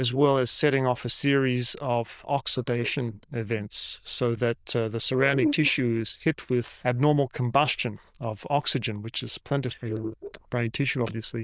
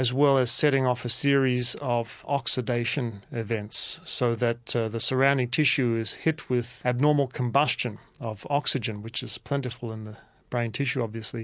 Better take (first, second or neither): second